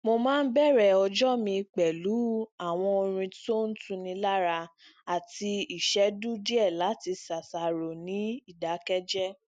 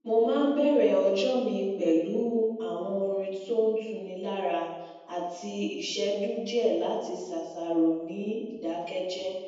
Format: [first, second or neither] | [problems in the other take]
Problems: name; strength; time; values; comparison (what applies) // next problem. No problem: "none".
first | room echo; dies away in 1.1 s